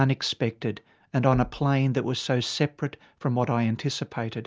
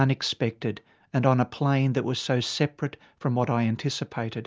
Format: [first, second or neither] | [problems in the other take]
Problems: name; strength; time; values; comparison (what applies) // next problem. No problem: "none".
second | background sound (Knock); 20 dB below the speech